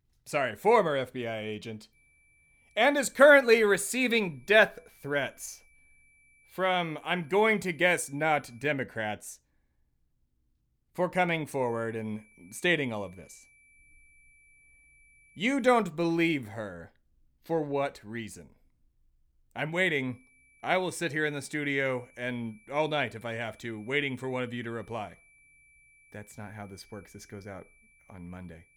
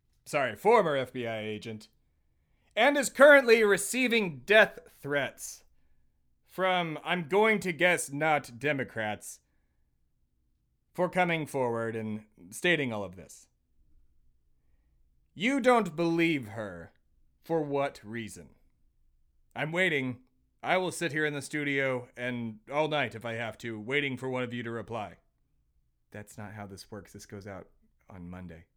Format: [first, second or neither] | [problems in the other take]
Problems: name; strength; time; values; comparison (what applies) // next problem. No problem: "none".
second | high-pitched whine; faint; from 2 to 8.5 s, from 12 to 16 s and from 20 s on; 2.5 kHz, 30 dB below the speech